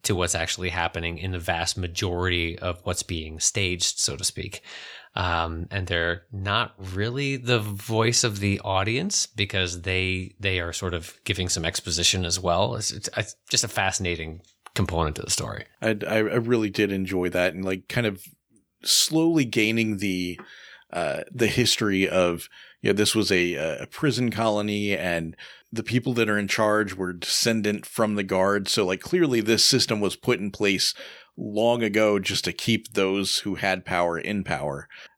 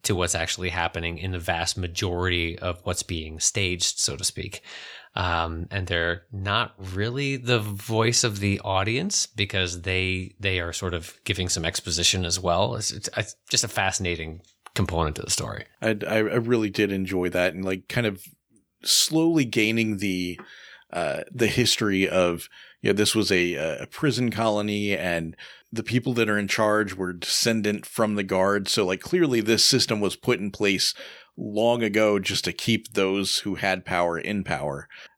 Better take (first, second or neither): neither